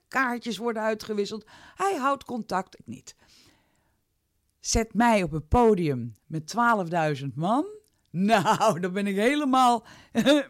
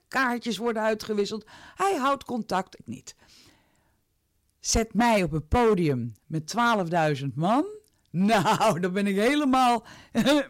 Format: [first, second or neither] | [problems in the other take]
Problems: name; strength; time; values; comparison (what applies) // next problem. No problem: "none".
first | distortion; slight; 6% of the sound clipped